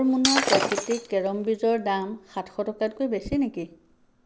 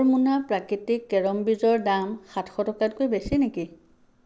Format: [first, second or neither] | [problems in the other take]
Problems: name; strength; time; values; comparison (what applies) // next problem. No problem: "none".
second | background sound (Shatter); as loud as the speech